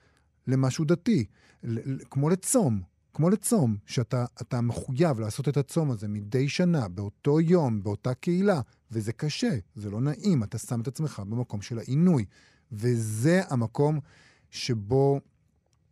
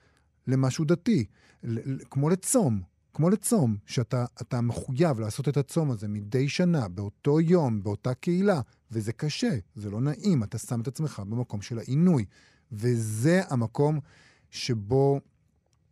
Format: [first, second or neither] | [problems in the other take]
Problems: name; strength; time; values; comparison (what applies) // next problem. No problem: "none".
neither | none